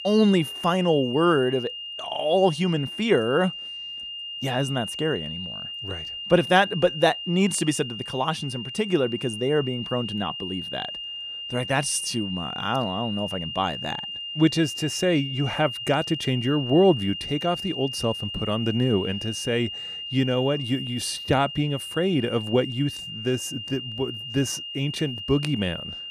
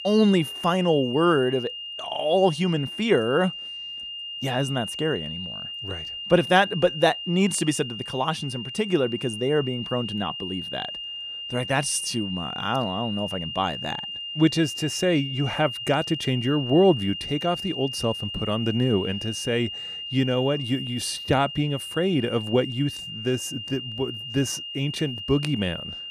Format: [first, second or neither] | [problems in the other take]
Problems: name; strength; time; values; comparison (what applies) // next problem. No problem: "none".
neither | high-pitched whine; loud; throughout; 3 kHz, 7 dB below the speech; the same in both